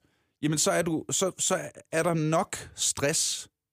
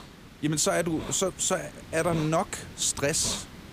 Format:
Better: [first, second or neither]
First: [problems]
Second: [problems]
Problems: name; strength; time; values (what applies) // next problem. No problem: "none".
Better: first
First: none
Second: hiss; noticeable; throughout; 15 dB below the speech